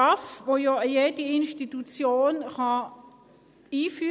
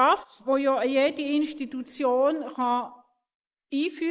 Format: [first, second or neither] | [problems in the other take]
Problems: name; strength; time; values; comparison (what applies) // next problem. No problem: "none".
first | noise reduction (neural mask model Resemble Enhance denoiser)